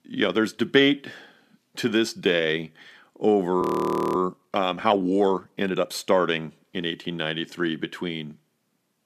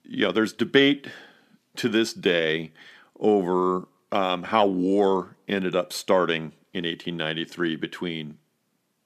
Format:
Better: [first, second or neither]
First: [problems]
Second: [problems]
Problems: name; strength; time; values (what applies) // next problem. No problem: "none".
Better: second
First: audio freezing; at 3.5 s for 0.5 s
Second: none